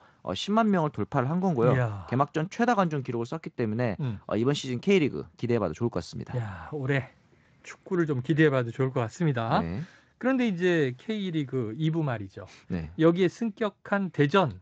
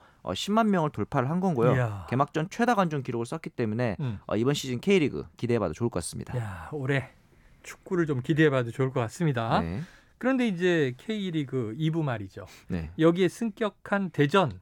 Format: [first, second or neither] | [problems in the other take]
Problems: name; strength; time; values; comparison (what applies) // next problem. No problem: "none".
second | garbled, watery; slightly; nothing above 7.5 kHz